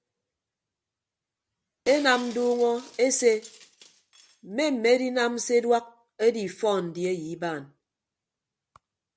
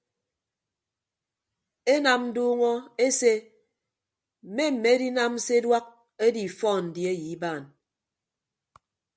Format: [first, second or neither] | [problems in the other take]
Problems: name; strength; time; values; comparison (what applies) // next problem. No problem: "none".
second | background sound (Shatter); 20 dB below the speech